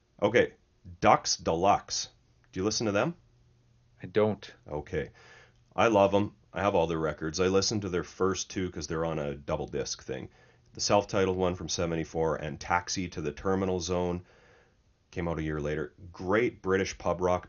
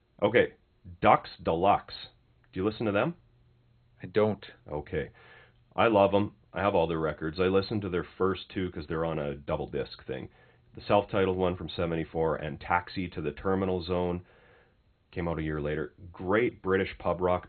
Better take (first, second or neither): first